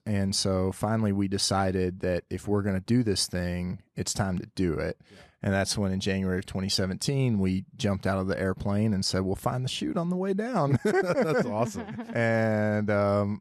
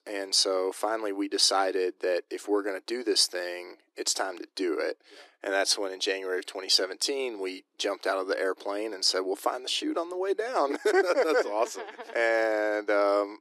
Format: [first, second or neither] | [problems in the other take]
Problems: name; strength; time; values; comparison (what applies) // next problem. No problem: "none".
first | thin; very; fading below 300 Hz